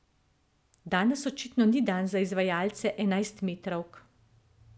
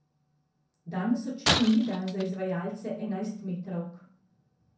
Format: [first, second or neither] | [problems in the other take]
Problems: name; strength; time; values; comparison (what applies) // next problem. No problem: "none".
first | background sound (Shatter); 2 dB below the speech // room echo; dies away in 0.6 s